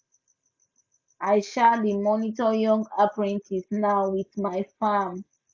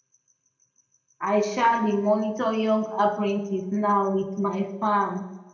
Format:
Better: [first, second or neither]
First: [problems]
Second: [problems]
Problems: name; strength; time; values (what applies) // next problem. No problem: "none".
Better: first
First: none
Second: room echo; dies away in 0.8 s